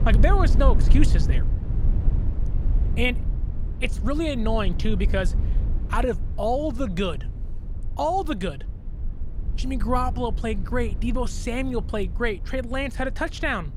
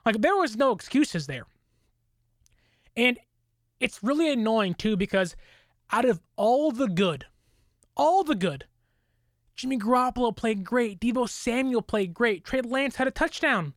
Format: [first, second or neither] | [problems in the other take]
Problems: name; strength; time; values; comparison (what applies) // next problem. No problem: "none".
second | low rumble; noticeable; throughout; 15 dB below the speech